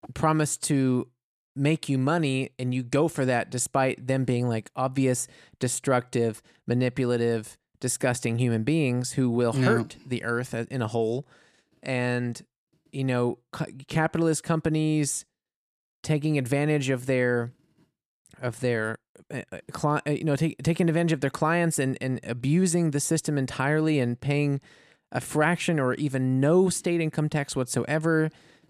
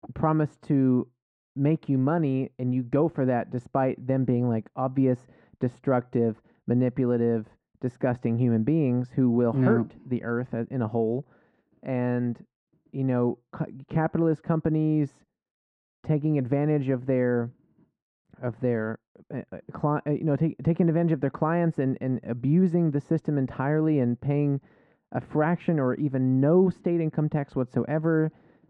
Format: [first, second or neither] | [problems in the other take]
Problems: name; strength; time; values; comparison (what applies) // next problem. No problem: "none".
first | muffled; very; fading above 1 kHz